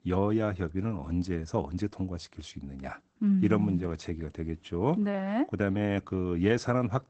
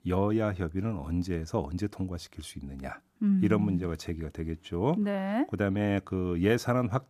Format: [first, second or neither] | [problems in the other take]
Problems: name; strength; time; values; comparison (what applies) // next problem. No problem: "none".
second | garbled, watery; badly; nothing above 8 kHz